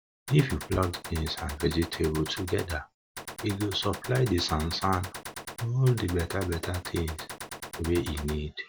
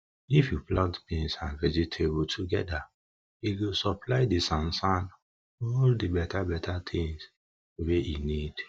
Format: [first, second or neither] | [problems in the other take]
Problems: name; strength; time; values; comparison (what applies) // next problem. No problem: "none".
second | background sound (Gunshot, gunfire); 12 dB below the speech